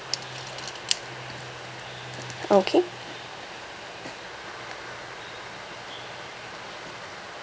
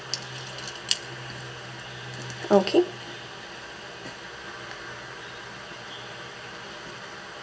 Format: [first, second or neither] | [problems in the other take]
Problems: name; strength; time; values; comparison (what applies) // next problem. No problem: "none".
first | room echo; dies away in 0.7 s